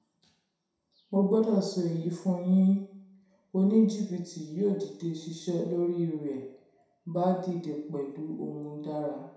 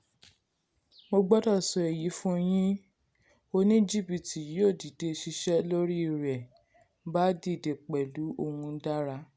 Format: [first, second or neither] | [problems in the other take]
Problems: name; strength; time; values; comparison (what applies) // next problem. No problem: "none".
second | room echo; dies away in 0.7 s